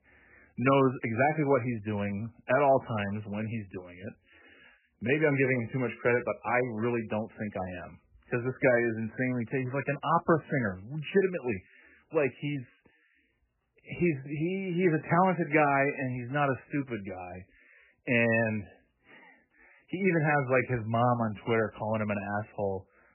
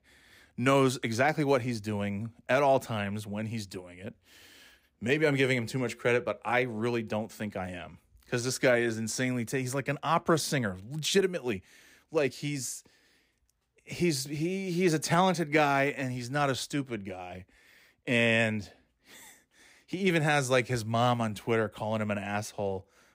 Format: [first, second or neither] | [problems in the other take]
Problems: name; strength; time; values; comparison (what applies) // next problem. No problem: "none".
second | garbled, watery; badly; nothing above 2.5 kHz